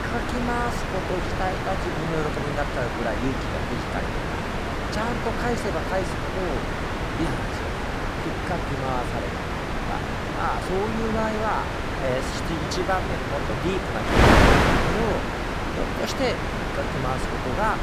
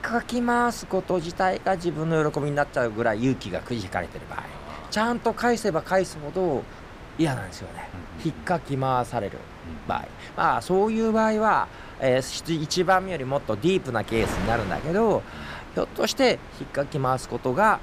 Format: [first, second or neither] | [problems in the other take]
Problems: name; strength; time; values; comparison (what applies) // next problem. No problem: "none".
second | wind noise on the microphone; heavy; 3 dB above the speech; occasional gusts in the second